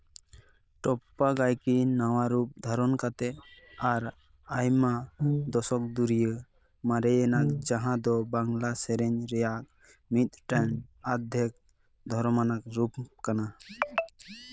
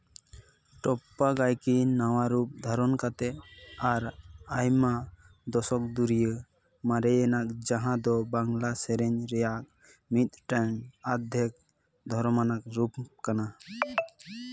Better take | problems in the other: second | noise reduction (neural diffusion model UNIVERSE++)

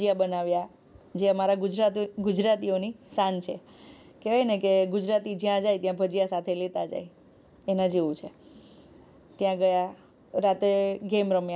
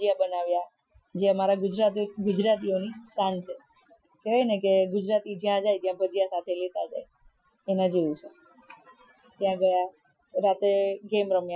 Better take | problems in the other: first | noise reduction (classical method Wiener filter)

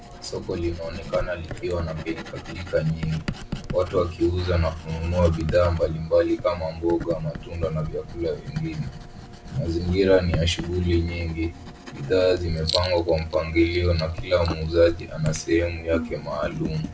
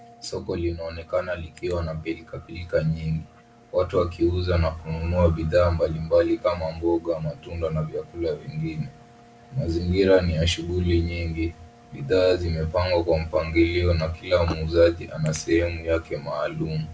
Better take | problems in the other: second | background sound (Writing); 11 dB below the speech

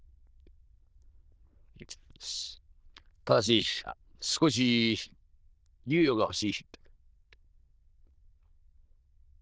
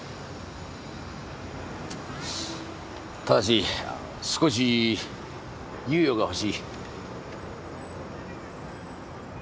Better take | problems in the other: second | noise reduction (neural diffusion model UNIVERSE++)

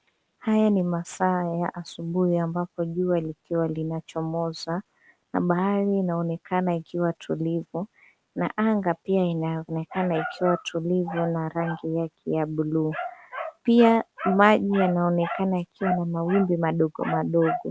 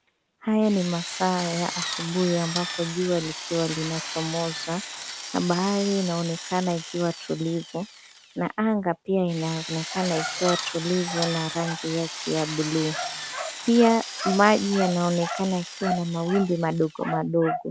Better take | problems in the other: first | background sound (Drill); 10 dB below the speech

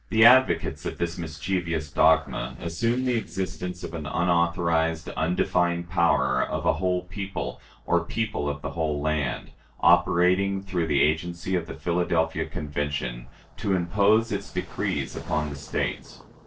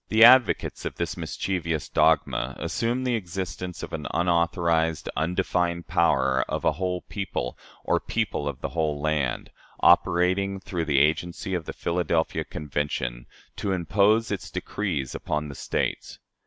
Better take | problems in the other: second | noise reduction (neural separator model SepFormer DNS4)

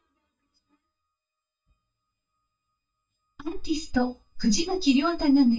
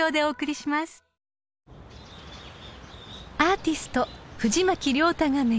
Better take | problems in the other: second | noise reduction (neural mask model DeepFilterNet 3)

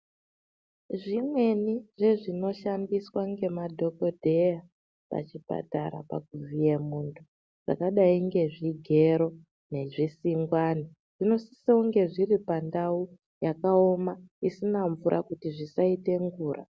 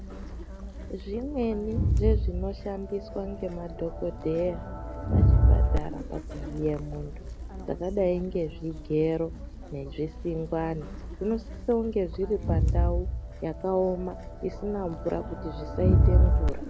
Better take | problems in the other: first | background sound (Crowd); 4 dB above the speech

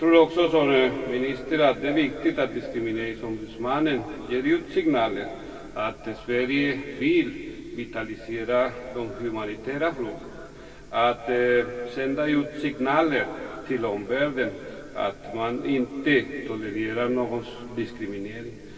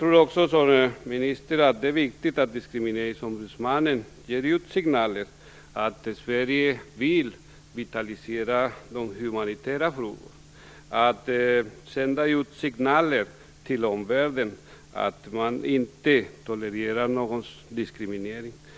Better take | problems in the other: second | room echo; dies away in 3 s

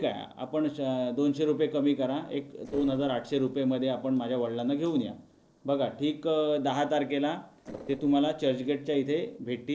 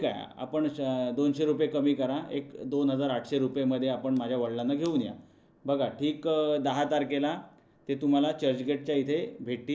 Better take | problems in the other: second | noise reduction (neural separator model SepFormer DNS4)

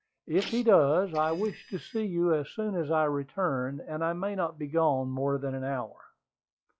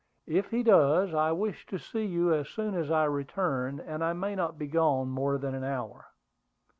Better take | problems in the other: second | noise reduction (classical method log-MMSE)

